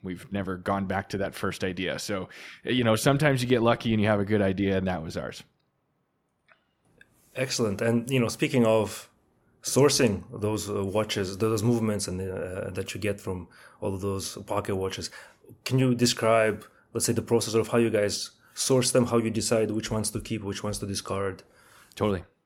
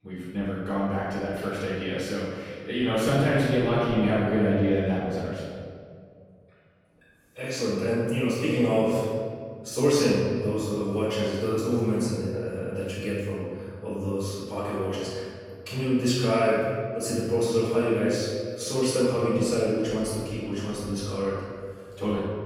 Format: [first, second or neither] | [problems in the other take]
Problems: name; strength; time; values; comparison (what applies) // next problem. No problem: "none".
first | off-mic speech; far // room echo; strong; dies away in 2 s